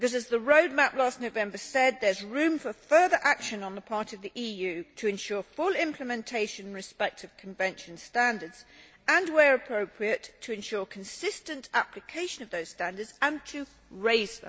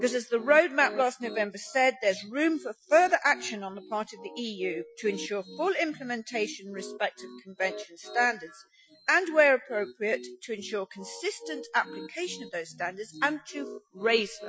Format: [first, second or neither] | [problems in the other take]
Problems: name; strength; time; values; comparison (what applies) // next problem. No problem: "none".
first | noise reduction (classical method Wiener filter)